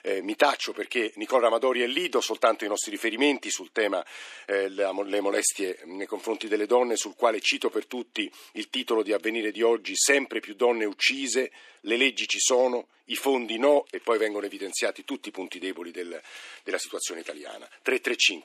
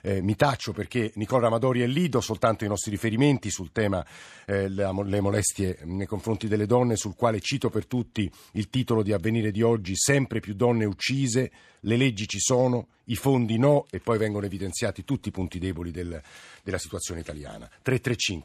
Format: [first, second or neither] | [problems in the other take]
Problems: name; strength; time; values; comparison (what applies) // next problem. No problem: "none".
second | thin; somewhat; fading below 300 Hz